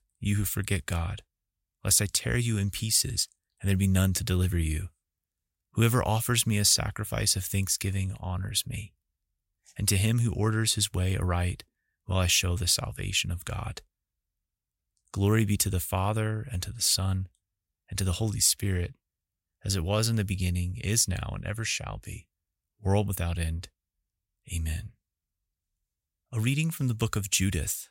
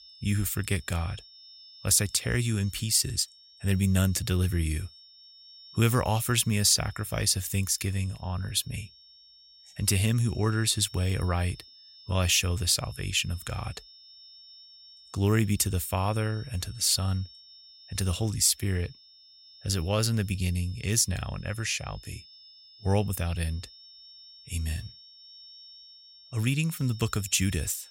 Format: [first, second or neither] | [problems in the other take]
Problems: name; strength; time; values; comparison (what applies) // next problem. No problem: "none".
first | high-pitched whine; faint; throughout; 5.5 kHz, 20 dB below the speech